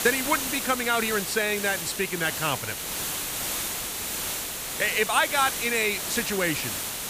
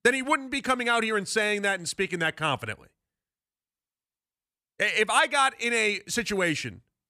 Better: second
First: hiss; loud; throughout; 3 dB below the speech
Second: none

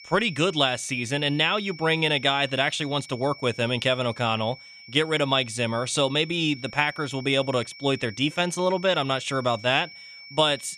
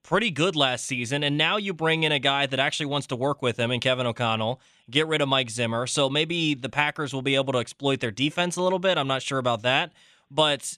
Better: second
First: high-pitched whine; noticeable; throughout; 2.5 kHz, 20 dB below the speech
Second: none

